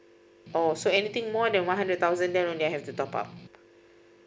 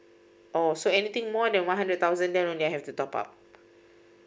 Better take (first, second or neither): second